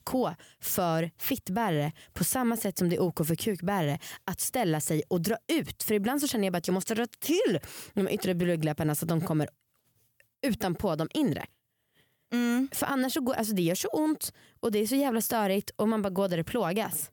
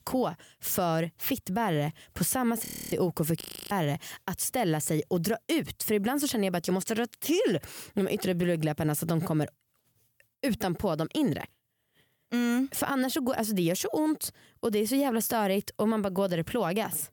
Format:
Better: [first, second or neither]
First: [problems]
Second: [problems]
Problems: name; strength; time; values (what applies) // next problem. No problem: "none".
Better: first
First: none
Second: audio freezing; at 2.5 s and at 3.5 s